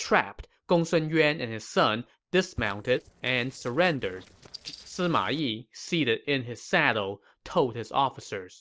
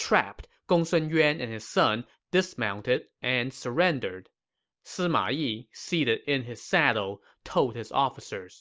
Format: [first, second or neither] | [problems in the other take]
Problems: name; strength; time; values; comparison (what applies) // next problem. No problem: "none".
second | noise reduction (neural separator model SepFormer DNS4)